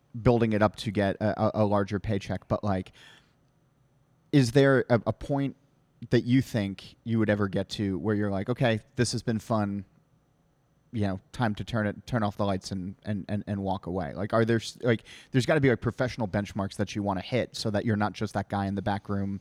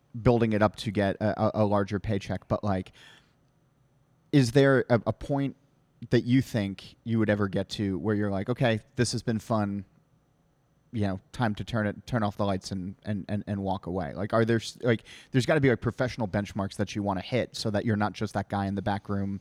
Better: neither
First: none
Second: none

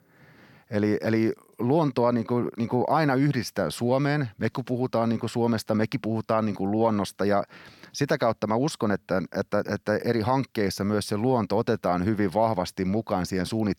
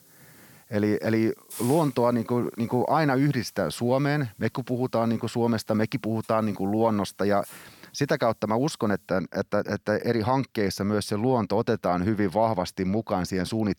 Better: first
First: none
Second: hiss; faint; until 9 s; 20 dB below the speech

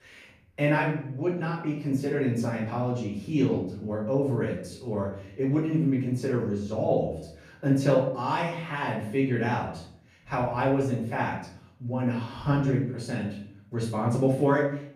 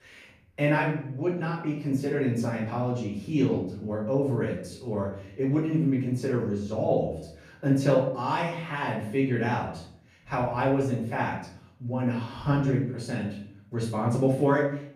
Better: neither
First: off-mic speech; far // room echo; noticeable; dies away in 0.6 s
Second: off-mic speech; far // room echo; noticeable; dies away in 0.6 s

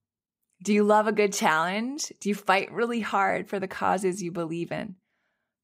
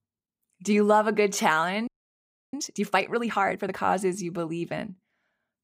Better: first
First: none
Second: audio freezing; at 2 s for 0.5 s

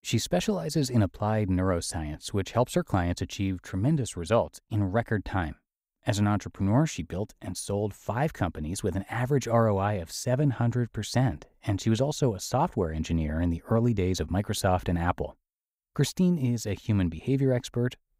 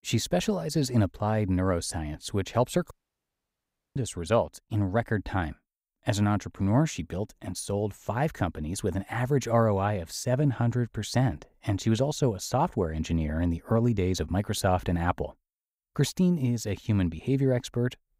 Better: first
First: none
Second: audio cutting out; at 3 s for 1 s

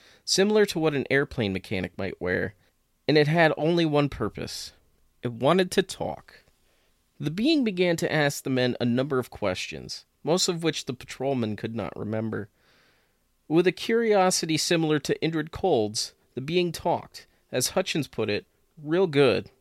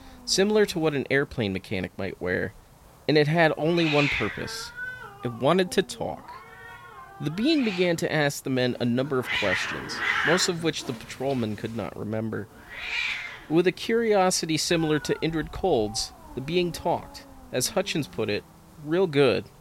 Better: first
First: none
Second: hiss; loud; throughout; 6 dB below the speech

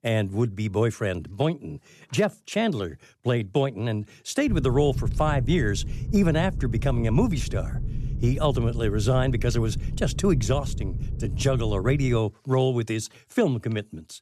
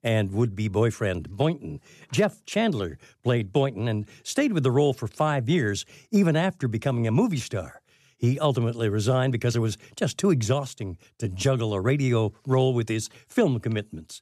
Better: second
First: low rumble; noticeable; from 4.5 to 12 s; 15 dB below the speech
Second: none

